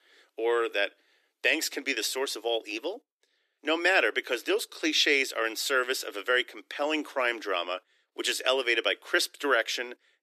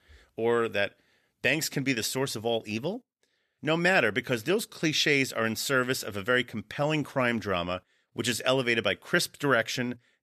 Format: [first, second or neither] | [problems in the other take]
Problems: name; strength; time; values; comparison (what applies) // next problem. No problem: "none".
second | thin; somewhat; fading below 300 Hz